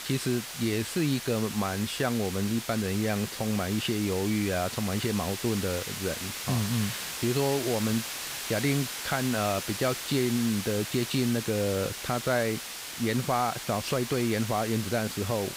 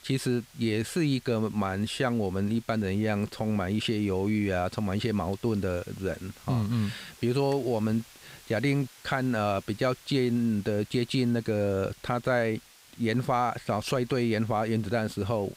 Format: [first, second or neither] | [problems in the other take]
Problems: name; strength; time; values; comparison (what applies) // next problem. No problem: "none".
second | hiss; loud; throughout; 6 dB below the speech; faint in the second